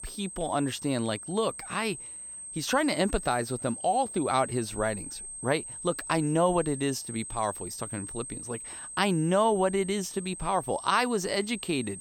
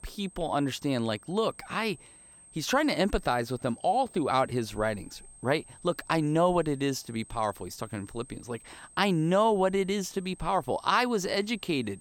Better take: second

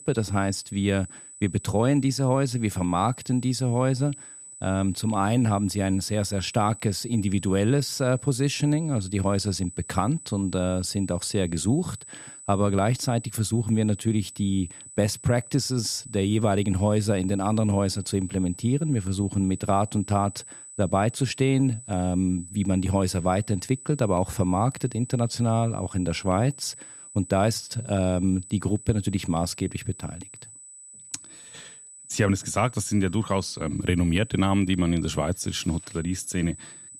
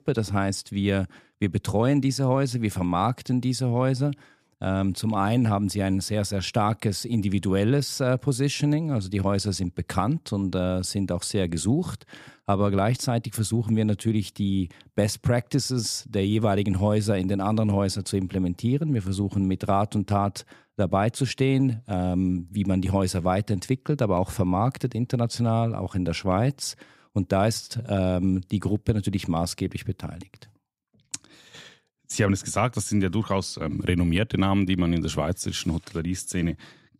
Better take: second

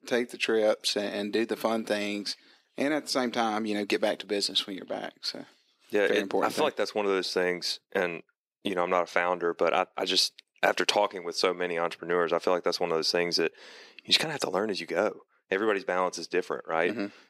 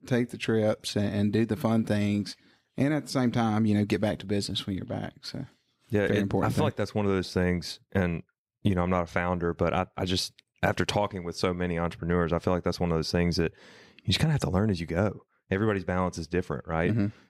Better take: second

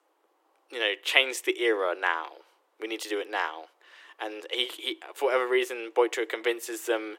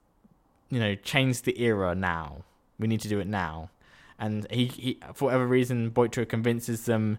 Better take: second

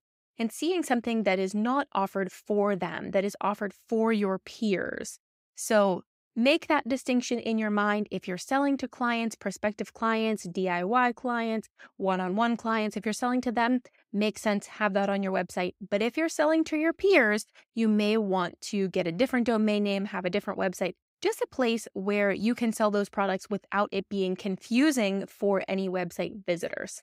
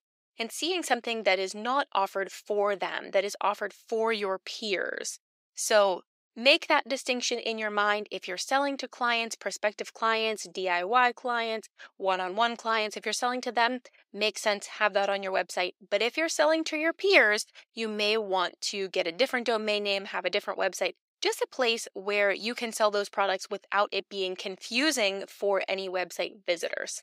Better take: first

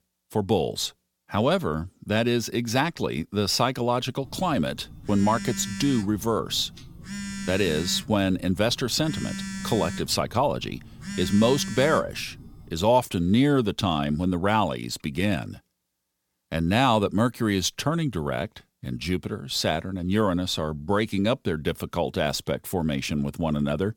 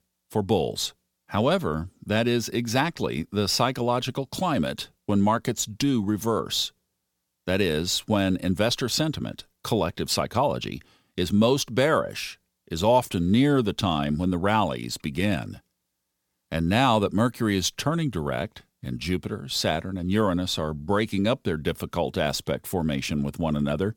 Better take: second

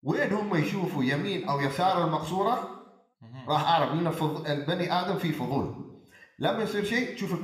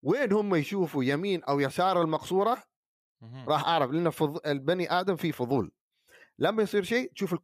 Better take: second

